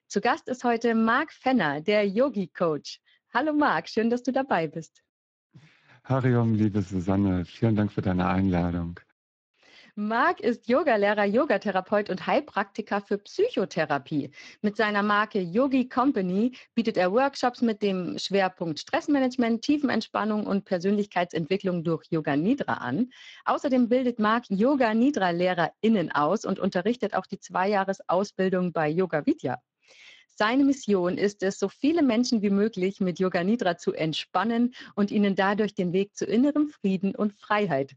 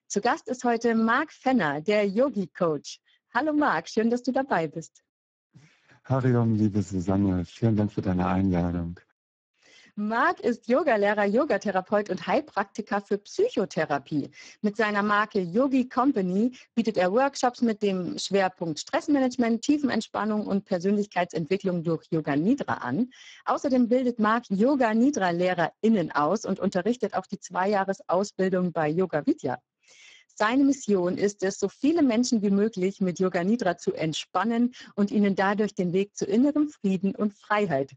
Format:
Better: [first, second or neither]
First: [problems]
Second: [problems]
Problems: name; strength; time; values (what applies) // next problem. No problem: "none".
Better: first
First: garbled, watery; slightly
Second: garbled, watery; badly; nothing above 7.5 kHz